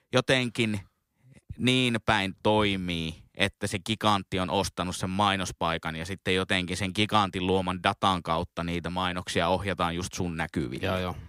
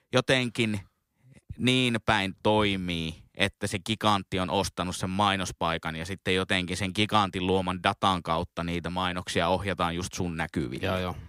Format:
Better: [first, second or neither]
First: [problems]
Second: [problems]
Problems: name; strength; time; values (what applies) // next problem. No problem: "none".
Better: neither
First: none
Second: none